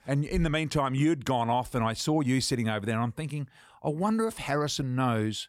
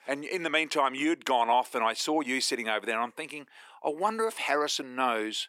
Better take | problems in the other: first | thin; somewhat; fading below 300 Hz

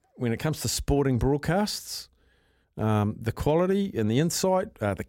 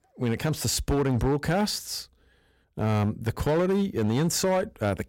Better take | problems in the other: first | distortion; slight; 11% of the sound clipped

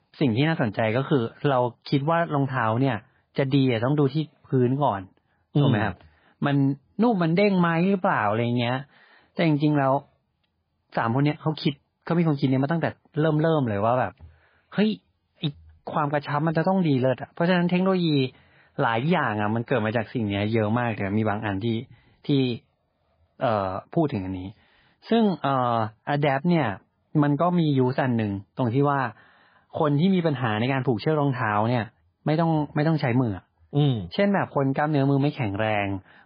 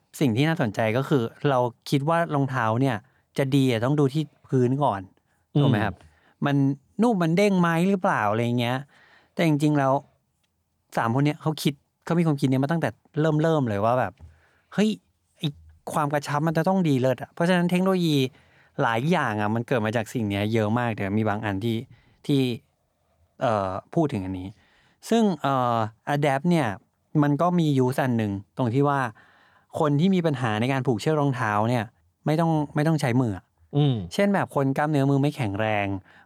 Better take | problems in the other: second | garbled, watery; badly; nothing above 4.5 kHz

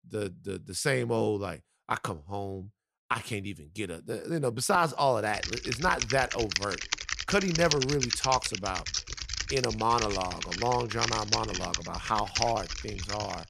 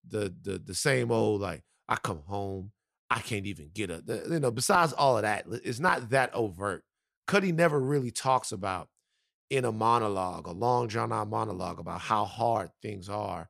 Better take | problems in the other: second | keyboard typing; loud; from 5.5 s on; peak 3 dB above the speech

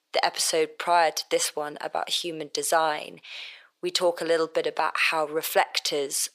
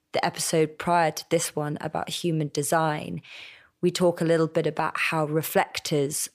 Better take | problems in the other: second | thin; very; fading below 550 Hz

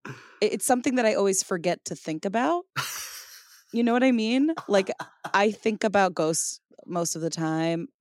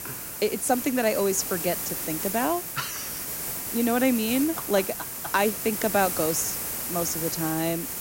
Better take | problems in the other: first | hiss; loud; throughout; 3 dB below the speech

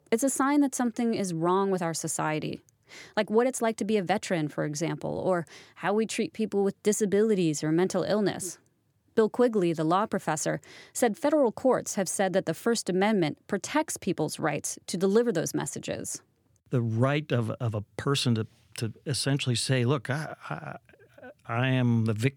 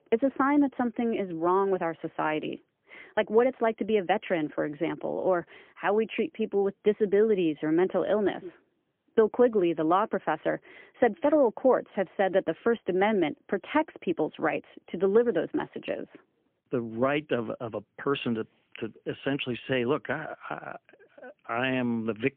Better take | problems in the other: first | phone-call audio; poor line; nothing above 3 kHz

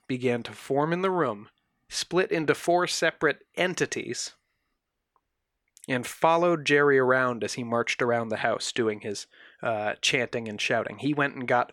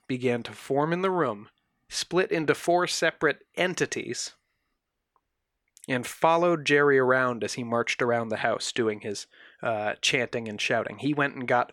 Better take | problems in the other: neither | none

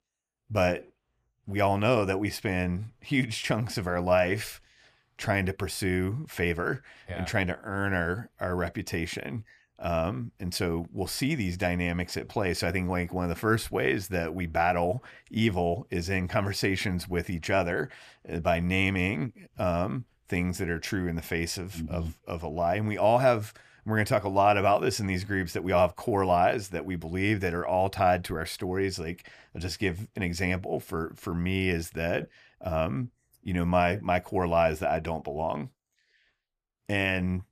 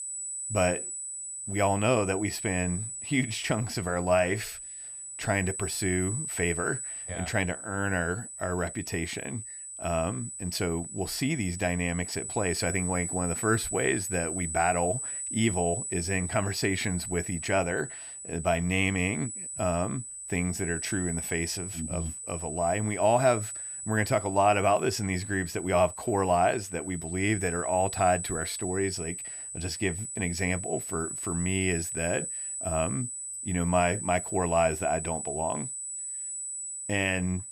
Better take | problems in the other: first | high-pitched whine; loud; throughout; 8 kHz, 6 dB below the speech

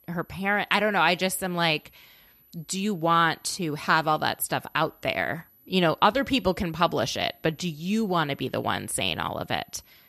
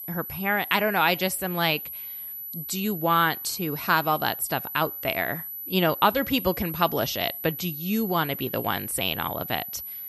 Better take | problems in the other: first | high-pitched whine; loud; throughout; 12 kHz, 8 dB below the speech; faint in the first

